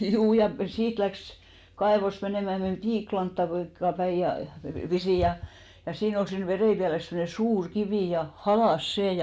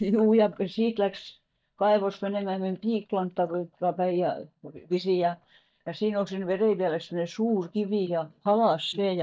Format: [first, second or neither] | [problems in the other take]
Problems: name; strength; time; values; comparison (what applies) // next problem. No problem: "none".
first | noise reduction (neural mask model DeepFilterNet 3)